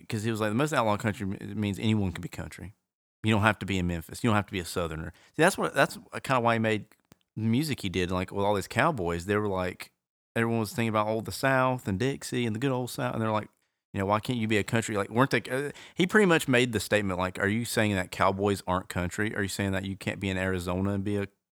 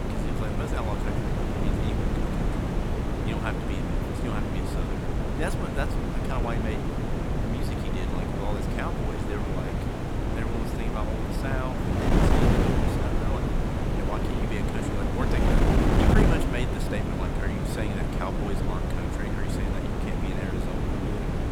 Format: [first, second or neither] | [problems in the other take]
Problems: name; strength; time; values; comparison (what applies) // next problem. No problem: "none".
first | wind noise on the microphone; heavy; 4 dB above the speech